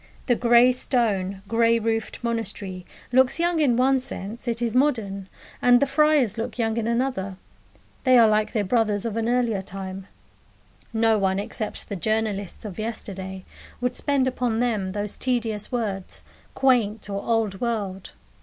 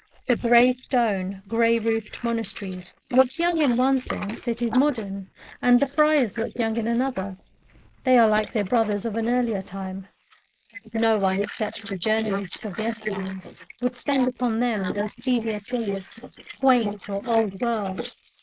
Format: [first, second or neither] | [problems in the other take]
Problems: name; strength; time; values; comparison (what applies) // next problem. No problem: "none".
first | noise reduction (neural mask model Resemble Enhance denoiser)